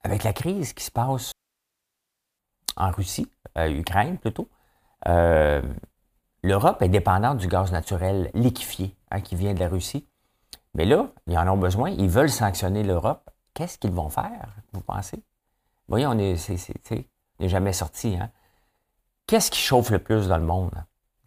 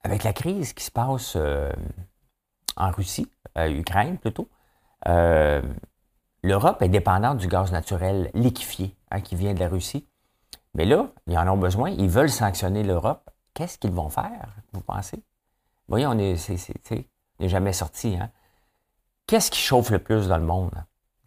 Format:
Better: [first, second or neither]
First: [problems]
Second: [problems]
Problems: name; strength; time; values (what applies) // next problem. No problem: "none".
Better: second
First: audio cutting out; at 1.5 s for 1 s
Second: none